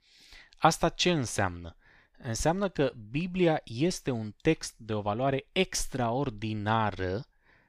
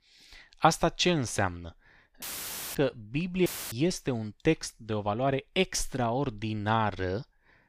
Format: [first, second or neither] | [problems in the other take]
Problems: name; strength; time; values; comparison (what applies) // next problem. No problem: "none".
first | audio cutting out; filled with static; at 2 s for 0.5 s and at 3.5 s